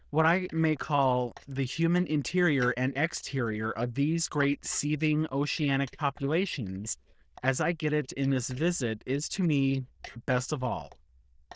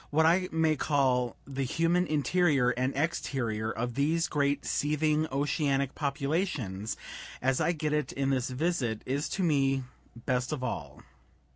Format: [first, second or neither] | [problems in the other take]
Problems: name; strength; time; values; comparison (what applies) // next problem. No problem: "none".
second | noise reduction (neural diffusion model UNIVERSE++)